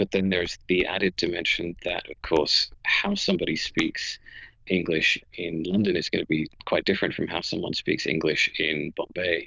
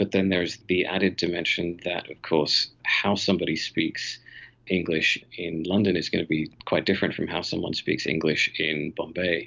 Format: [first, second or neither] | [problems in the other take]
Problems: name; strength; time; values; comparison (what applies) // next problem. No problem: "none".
second | noise reduction (neural diffusion model UNIVERSE++)